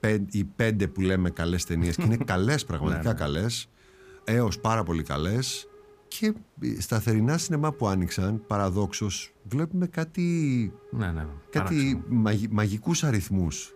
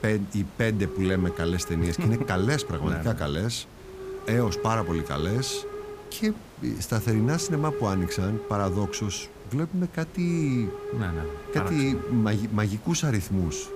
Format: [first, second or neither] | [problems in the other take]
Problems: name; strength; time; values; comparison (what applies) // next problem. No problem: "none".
first | hiss; loud; throughout; 10 dB below the speech; faint in the first